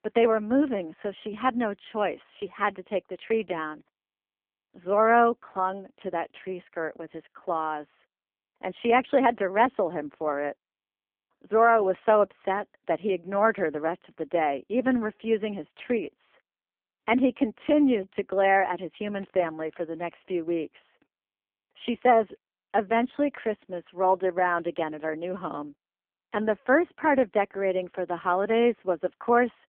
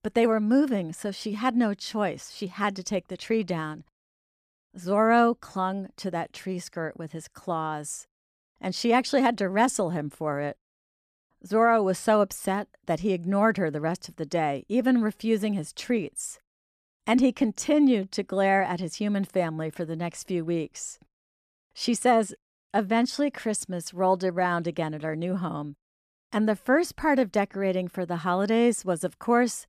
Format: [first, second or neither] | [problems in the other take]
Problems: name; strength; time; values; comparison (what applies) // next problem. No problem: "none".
second | phone-call audio; poor line